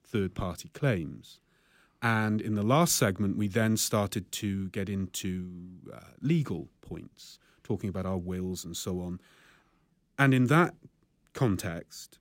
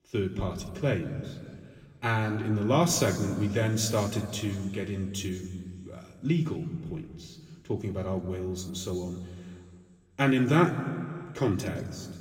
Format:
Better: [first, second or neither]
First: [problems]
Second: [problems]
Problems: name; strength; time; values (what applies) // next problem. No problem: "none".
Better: first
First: none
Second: room echo; slight; dies away in 2.1 s // off-mic speech; somewhat distant